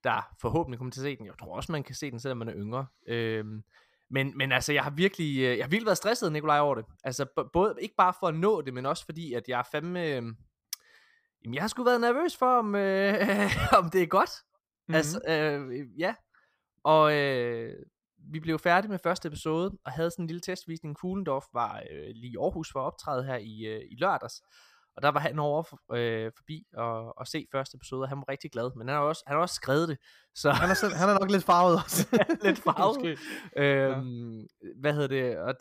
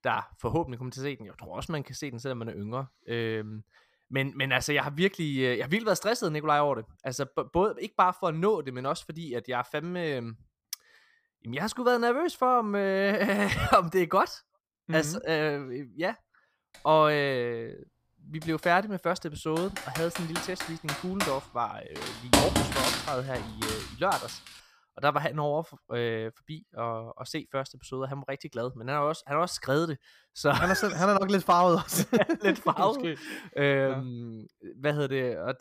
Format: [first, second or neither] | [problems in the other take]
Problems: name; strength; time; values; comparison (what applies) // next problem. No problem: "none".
first | keyboard typing; loud; from 20 to 24 s; peak 6 dB above the speech